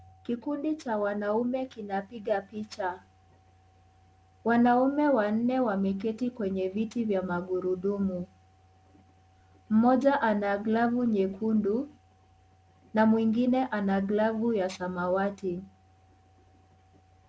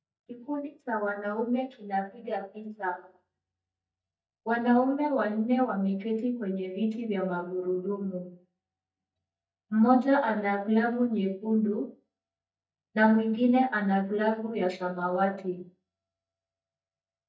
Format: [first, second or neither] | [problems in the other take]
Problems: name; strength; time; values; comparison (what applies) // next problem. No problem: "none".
first | noise reduction (neural mask model DeepFilterNet 3)